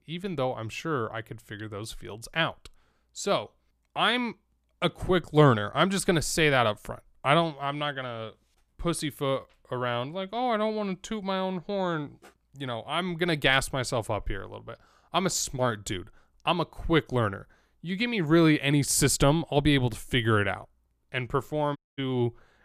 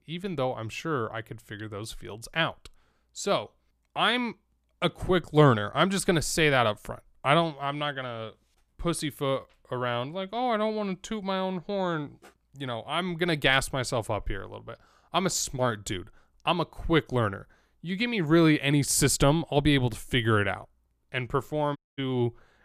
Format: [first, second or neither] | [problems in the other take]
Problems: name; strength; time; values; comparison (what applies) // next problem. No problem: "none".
neither | audio cutting out; at 22 s; the same in both